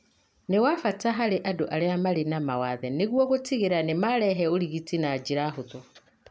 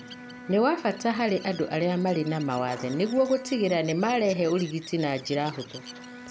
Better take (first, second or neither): first